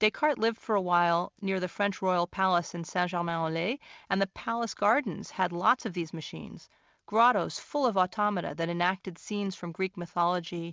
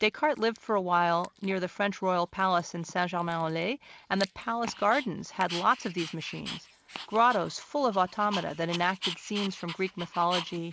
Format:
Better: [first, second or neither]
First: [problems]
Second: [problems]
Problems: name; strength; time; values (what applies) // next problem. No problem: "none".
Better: first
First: none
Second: background sound (Dog); 14 dB below the speech